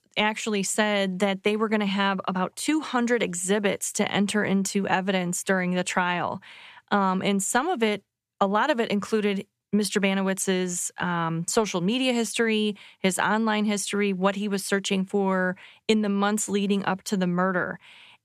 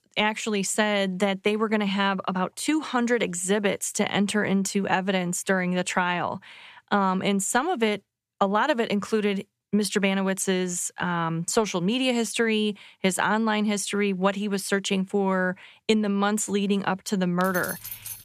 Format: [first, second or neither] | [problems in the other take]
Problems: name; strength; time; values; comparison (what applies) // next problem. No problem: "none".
first | jangling keys; noticeable; at 17 s; peak 9 dB below the speech